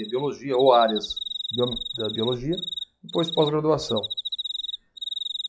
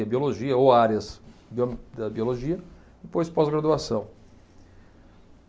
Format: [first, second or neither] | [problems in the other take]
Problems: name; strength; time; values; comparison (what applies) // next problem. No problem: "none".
second | noise reduction (classical method log-MMSE)